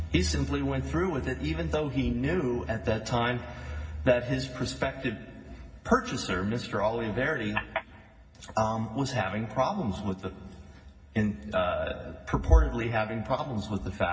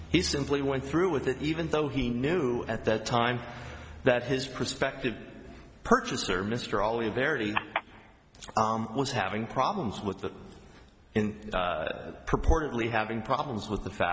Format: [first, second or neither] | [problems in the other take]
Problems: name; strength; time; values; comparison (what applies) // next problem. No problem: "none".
second | room echo; dies away in 0.4 s